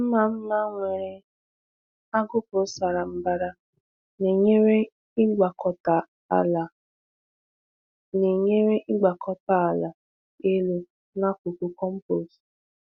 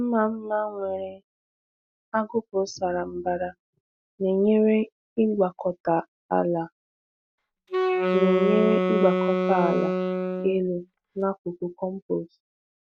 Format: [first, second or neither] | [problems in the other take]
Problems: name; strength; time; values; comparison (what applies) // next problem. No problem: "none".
first | background sound (Wind instrument, woodwind instrument); 2 dB above the speech